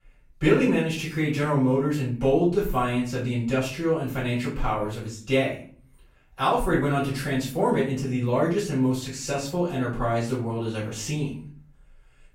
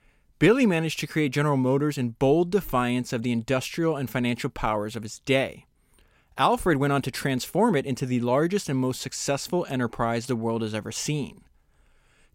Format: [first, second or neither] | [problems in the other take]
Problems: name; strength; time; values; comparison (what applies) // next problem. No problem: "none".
second | off-mic speech; far // room echo; slight; dies away in 0.4 s